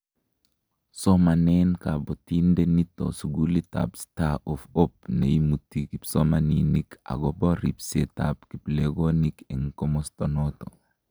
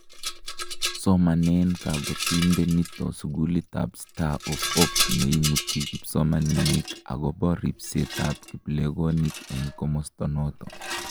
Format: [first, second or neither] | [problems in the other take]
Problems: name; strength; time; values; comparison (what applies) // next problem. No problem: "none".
first | background sound (Rattle); 7 dB below the speech